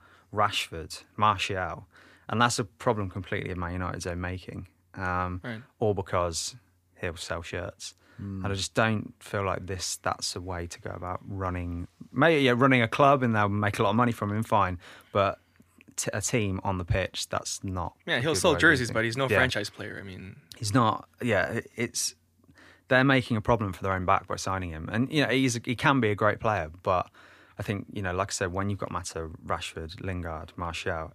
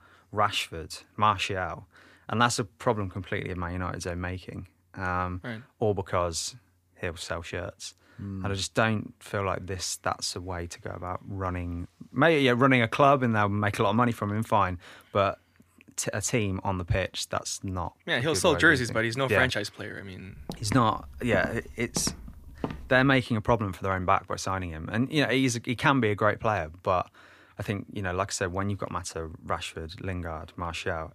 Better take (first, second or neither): first